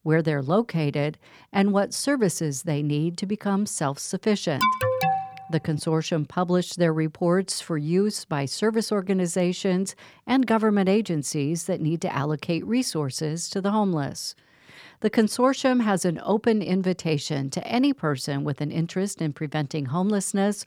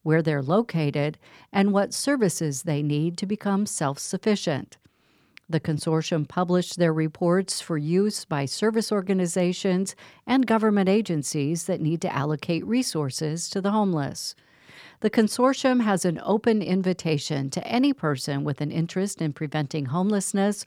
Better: second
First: alarm; loud; at 4.5 s; peak 2 dB above the speech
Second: none

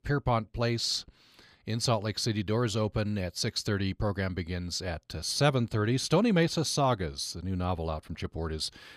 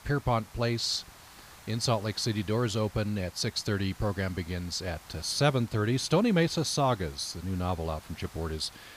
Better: first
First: none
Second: hiss; faint; throughout; 20 dB below the speech

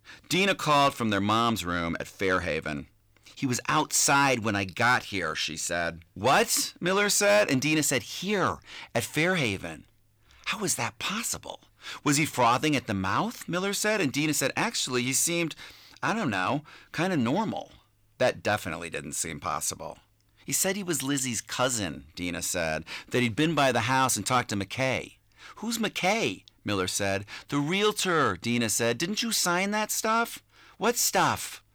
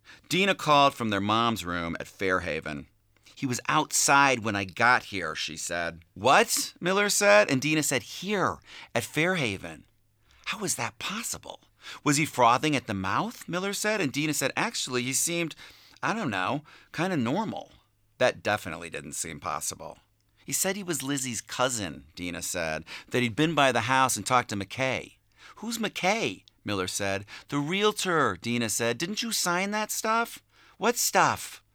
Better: second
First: distortion; slight; 10 dB below the speech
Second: none

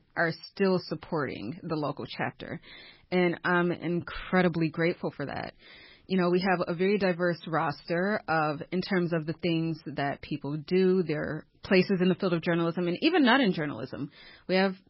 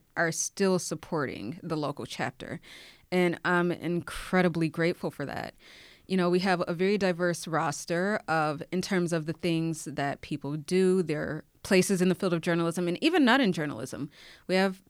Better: second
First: garbled, watery; badly; nothing above 5.5 kHz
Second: none

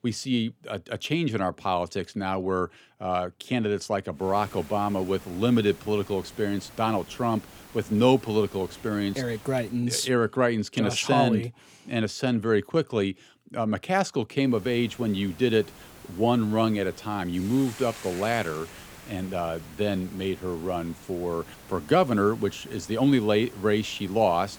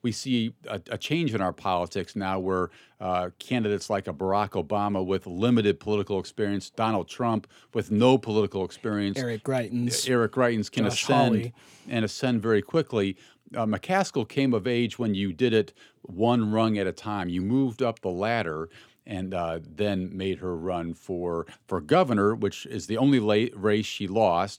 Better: second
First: hiss; noticeable; from 4.5 to 10 s and from 14 s on; 20 dB below the speech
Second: none

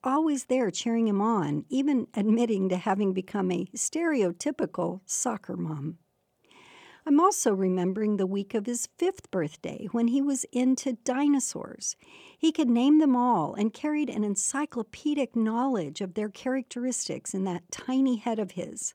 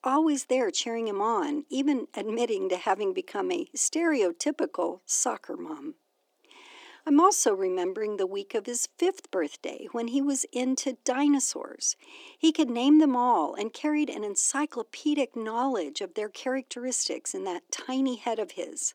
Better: first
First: none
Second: thin; very slightly; fading below 300 Hz

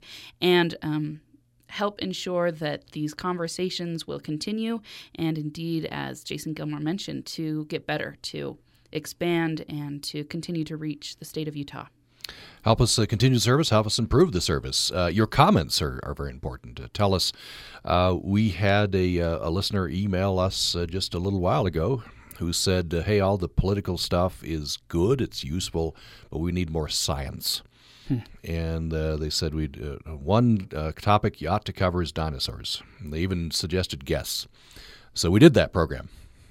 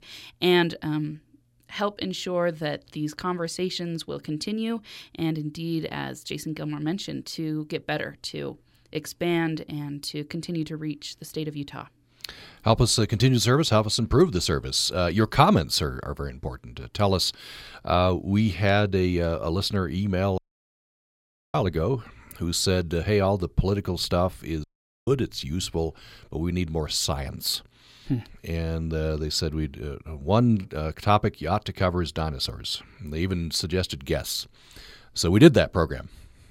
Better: first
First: none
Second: audio cutting out; at 20 s for 1 s and at 25 s

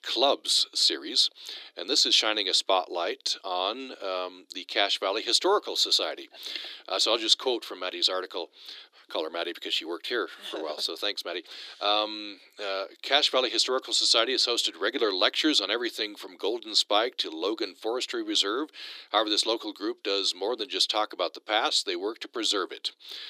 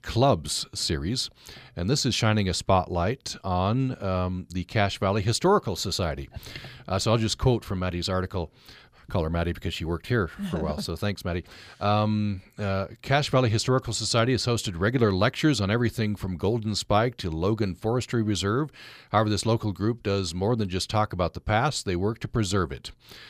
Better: second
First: thin; very; fading below 300 Hz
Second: none

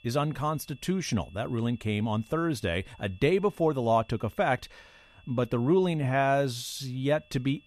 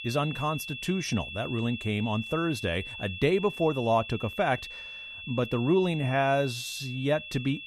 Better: first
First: high-pitched whine; faint; throughout; 2.5 kHz, 30 dB below the speech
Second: high-pitched whine; loud; throughout; 2.5 kHz, 9 dB below the speech

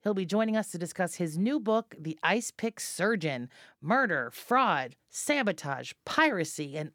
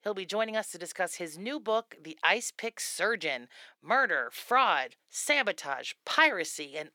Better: first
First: none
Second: thin; somewhat; fading below 450 Hz

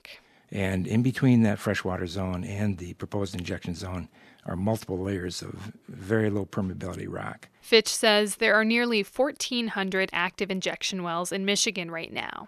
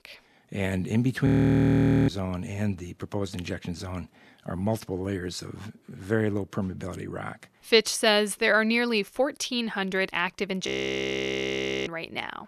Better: first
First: none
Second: audio freezing; at 1.5 s for 1 s and at 11 s for 1 s

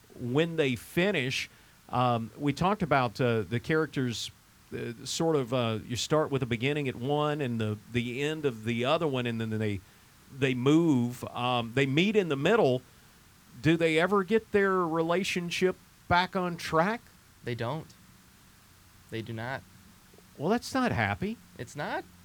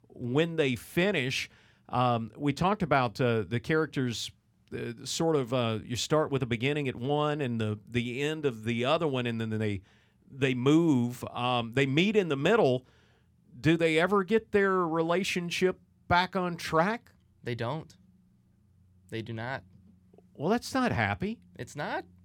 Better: second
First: hiss; faint; throughout; 30 dB below the speech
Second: none

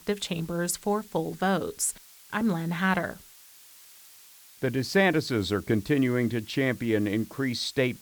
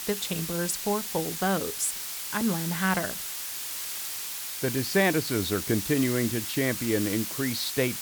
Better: first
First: hiss; faint; throughout; 20 dB below the speech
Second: hiss; loud; throughout; 4 dB below the speech

